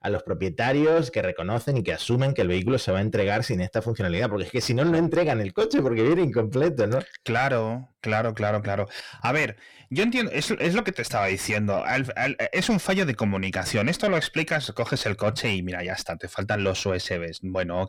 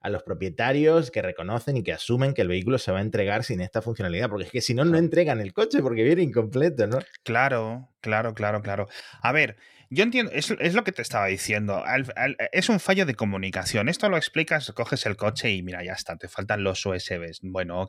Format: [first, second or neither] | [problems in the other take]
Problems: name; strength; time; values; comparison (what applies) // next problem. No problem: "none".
second | distortion; slight; 10 dB below the speech